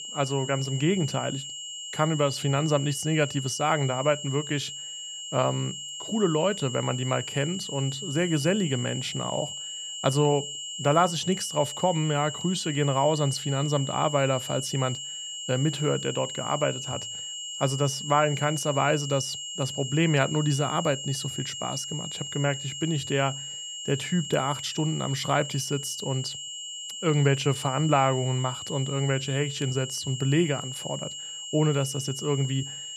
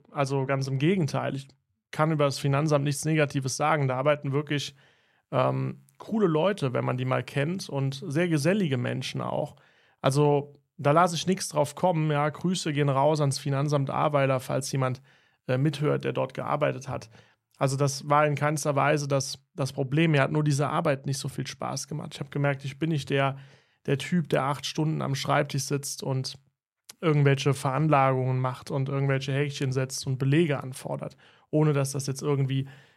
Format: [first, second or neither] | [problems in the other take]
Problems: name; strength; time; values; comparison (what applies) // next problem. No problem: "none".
second | high-pitched whine; loud; throughout; 3 kHz, 7 dB below the speech